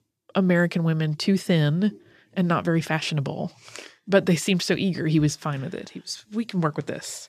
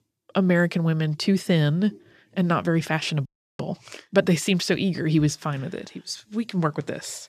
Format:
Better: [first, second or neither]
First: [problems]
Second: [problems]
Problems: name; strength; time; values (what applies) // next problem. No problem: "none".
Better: first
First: none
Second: audio freezing; at 3.5 s